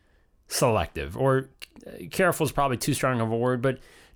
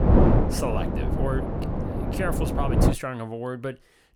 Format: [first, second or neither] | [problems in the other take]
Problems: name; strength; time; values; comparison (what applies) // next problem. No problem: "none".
first | wind noise on the microphone; heavy; until 3 s; 2 dB above the speech